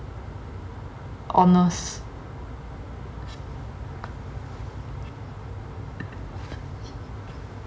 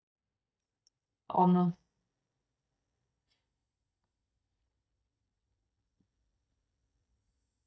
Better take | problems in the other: first | noise reduction (neural mask model DeepFilterNet 3)

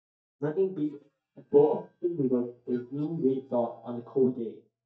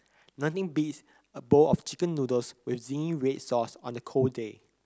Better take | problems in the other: second | noise reduction (neural mask model DeepFilterNet 3)

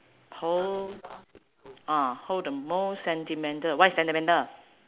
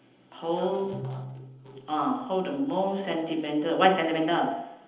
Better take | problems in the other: first | background sound (Piano); 14 dB below the speech // room echo; dies away in 0.9 s

